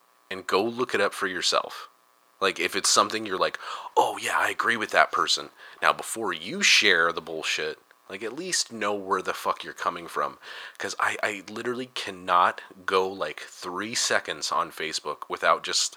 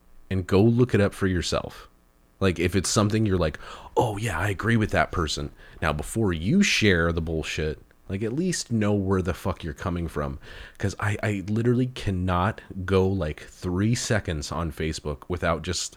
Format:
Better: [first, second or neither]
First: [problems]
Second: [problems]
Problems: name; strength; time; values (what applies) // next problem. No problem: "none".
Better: second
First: thin; very; fading below 600 Hz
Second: none